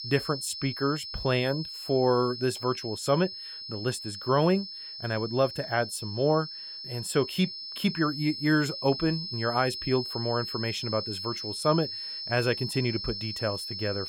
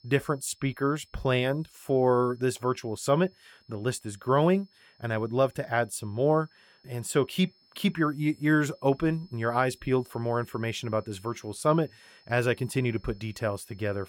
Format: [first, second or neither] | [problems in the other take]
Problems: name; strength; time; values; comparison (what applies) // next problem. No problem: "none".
second | high-pitched whine; loud; throughout; 5 kHz, 7 dB below the speech; faint in the second